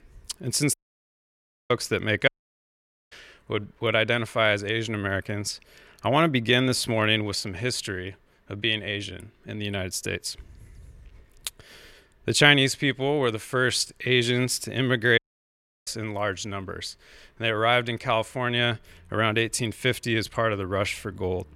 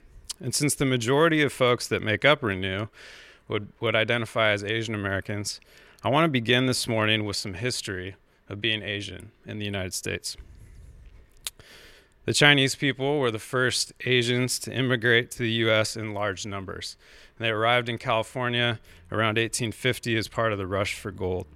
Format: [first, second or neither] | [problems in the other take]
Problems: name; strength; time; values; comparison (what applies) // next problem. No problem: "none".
second | audio cutting out; at 0.5 s for 1 s, at 2.5 s for 1 s and at 15 s for 0.5 s